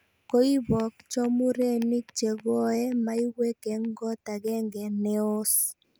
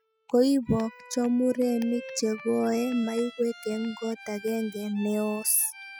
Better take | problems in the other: first | noise reduction (classical method spectral subtraction)

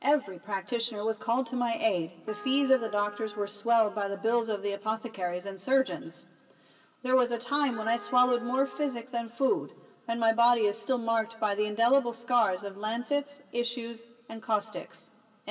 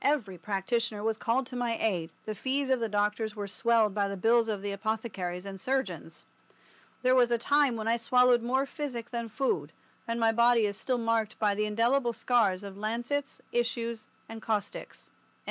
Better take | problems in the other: second | background sound (Trumpet); 17 dB below the speech // room echo; dies away in 2 s

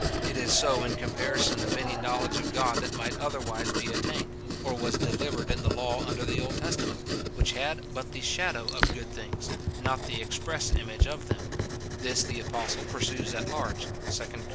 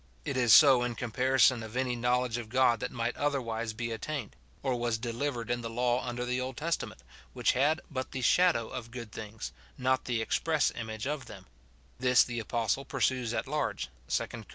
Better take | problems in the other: second | background sound (Writing); 2 dB above the speech

